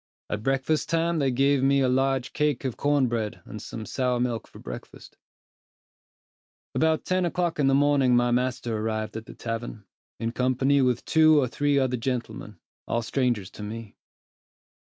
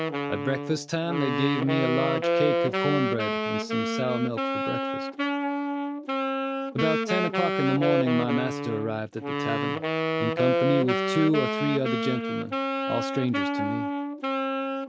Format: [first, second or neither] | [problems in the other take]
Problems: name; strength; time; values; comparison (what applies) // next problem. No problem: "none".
first | background sound (Wind instrument, woodwind instrument); 2 dB above the speech